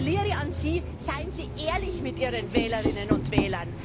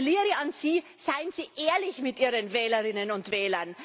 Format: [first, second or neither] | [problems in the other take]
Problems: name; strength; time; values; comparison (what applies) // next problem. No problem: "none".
second | background sound (Knock + Bus / Engine); 2 dB above the speech